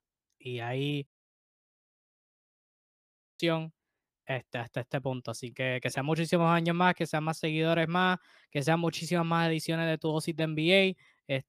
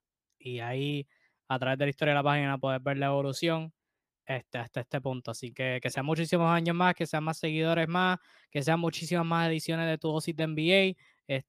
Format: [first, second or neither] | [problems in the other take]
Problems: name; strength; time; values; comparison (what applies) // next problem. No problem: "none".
second | audio cutting out; at 1 s for 2.5 s